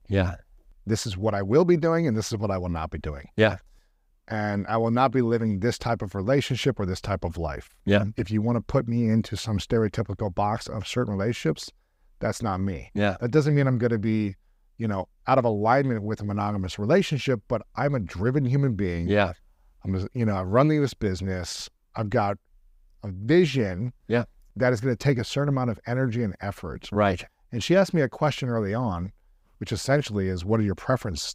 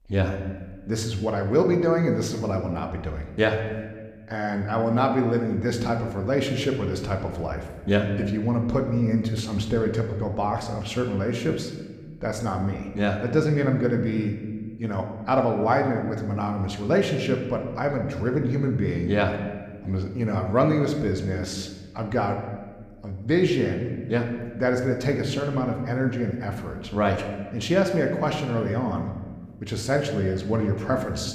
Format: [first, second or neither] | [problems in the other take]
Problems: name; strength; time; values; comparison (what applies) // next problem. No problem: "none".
first | room echo; slight; dies away in 1.1 s